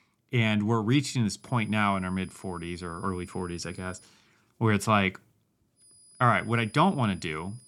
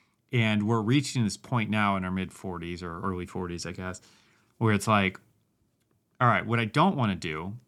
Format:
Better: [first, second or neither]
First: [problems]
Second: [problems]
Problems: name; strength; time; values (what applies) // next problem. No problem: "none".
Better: second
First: high-pitched whine; faint; from 1.5 to 4 s and from 6 s on; 10 kHz, 25 dB below the speech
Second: none